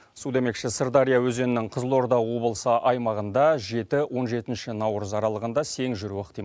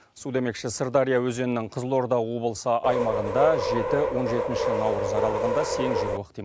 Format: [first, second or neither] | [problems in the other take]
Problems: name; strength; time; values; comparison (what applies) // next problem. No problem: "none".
first | background sound (Subway, metro, underground); 1 dB above the speech